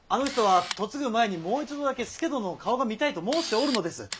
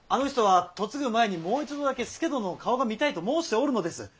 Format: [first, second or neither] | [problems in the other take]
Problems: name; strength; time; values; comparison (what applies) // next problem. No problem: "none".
second | background sound (Camera); 13 dB below the speech